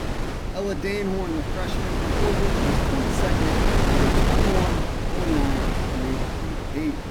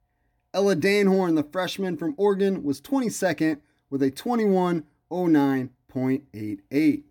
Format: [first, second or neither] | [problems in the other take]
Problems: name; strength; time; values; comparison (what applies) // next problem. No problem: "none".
second | wind noise on the microphone; heavy; 5 dB above the speech